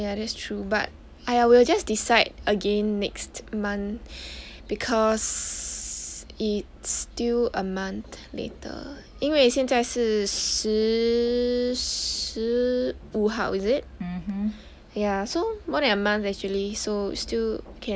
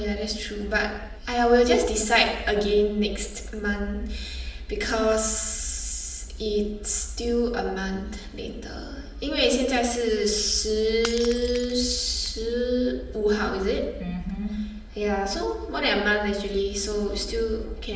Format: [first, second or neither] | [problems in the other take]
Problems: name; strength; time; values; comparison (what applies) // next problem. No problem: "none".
first | background sound (Shatter / Crushing); 16 dB below the speech // room echo; dies away in 0.8 s